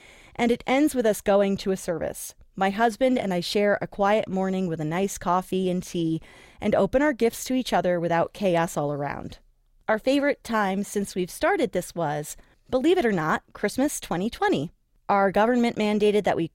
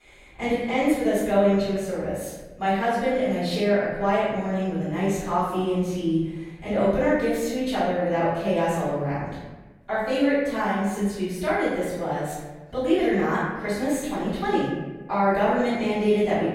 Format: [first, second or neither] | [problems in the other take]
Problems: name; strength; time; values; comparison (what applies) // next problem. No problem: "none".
first | room echo; strong; dies away in 1.1 s // off-mic speech; far